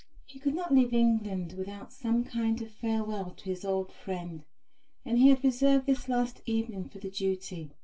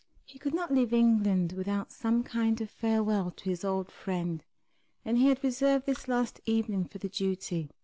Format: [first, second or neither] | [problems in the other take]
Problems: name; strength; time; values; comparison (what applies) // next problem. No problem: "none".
second | room echo; dies away in 0.1 s